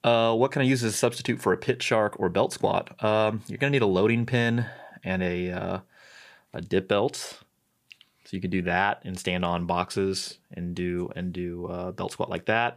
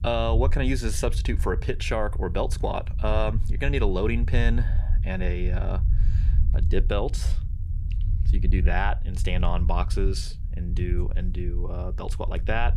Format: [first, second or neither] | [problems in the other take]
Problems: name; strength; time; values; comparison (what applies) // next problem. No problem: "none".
first | low rumble; noticeable; throughout; 15 dB below the speech